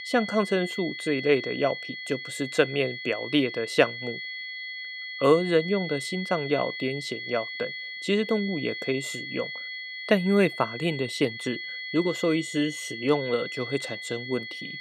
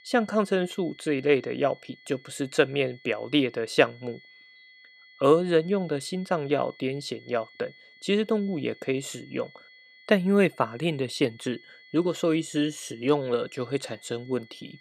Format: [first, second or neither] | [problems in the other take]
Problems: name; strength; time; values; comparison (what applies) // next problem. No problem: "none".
second | high-pitched whine; loud; throughout; 2 kHz, 7 dB below the speech; faint in the second